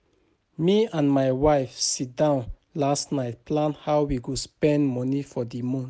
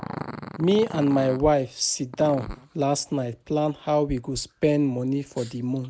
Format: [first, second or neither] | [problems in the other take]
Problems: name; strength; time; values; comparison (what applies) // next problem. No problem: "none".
first | background sound (Growling); 16 dB below the speech